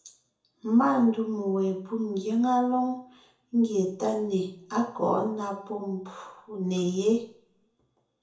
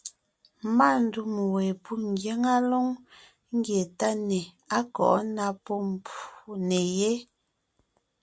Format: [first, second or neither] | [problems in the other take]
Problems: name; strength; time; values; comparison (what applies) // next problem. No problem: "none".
second | room echo; dies away in 0.6 s